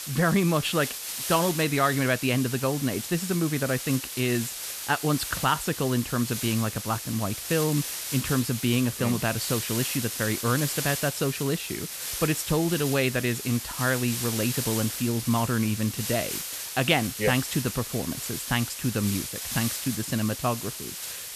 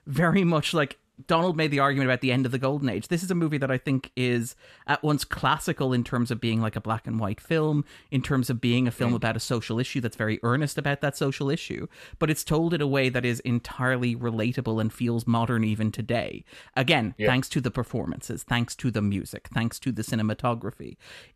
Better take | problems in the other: second | hiss; loud; throughout; 5 dB below the speech

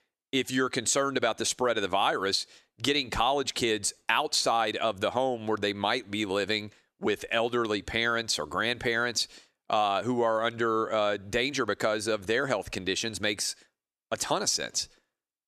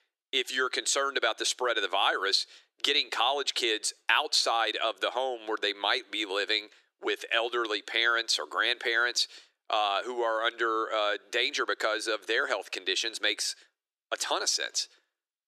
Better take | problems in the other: first | thin; very; fading below 350 Hz

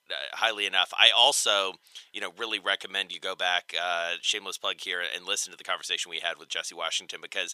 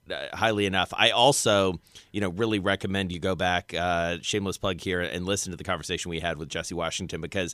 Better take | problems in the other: second | thin; very; fading below 800 Hz

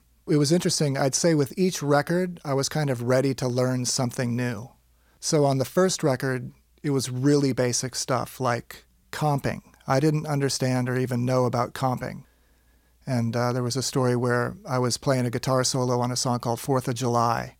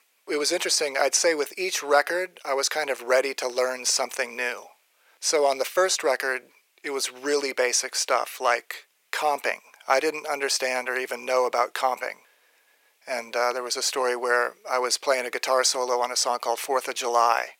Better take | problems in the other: first | thin; very; fading below 450 Hz

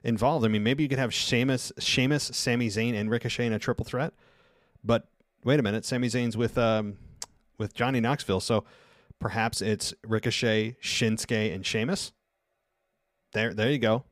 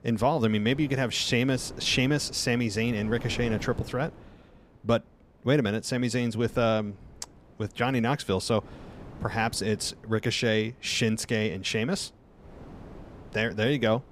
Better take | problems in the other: first | wind noise on the microphone; occasional gusts; 20 dB below the speech

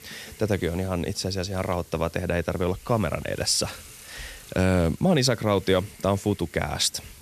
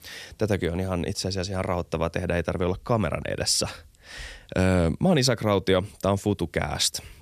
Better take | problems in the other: second | hiss; faint; throughout; 20 dB below the speech

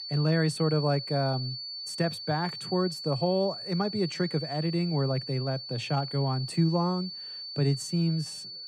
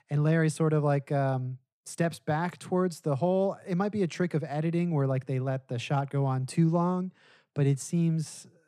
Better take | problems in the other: second | high-pitched whine; loud; throughout; 4.5 kHz, 8 dB below the speech

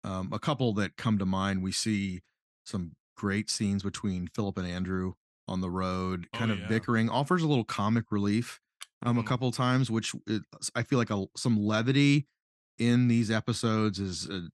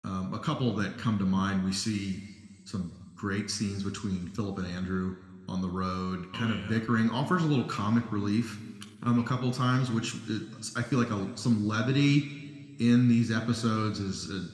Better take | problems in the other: first | room echo; slight; dies away in 1.8 s

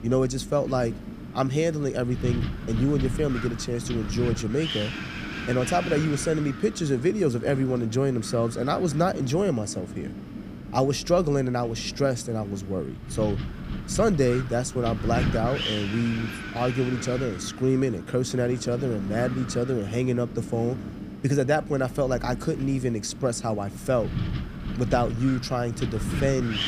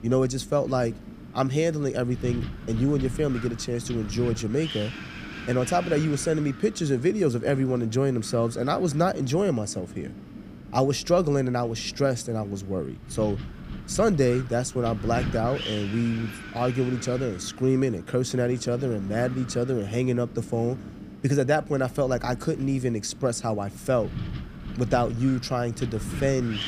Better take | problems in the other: second | wind noise on the microphone; heavy; 9 dB below the speech; occasional gusts in the second

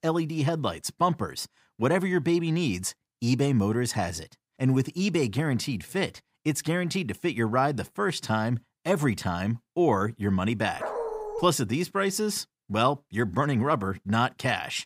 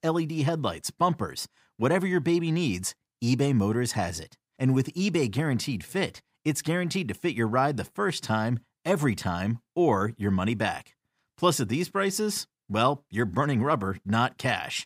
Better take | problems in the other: second | dog barking; noticeable; at 11 s; peak 5 dB below the speech

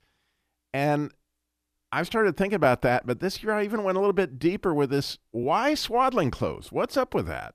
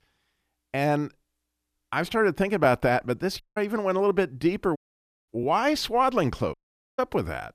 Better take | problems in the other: first | audio cutting out; at 3.5 s, at 5 s for 0.5 s and at 6.5 s

